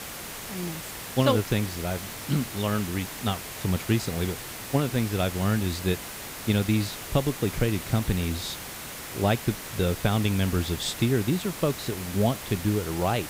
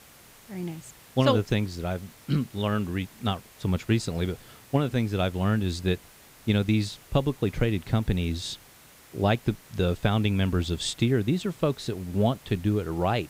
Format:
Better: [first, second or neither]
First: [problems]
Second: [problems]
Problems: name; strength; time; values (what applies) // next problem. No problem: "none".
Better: second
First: hiss; loud; throughout; 8 dB below the speech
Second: hiss; faint; throughout; 25 dB below the speech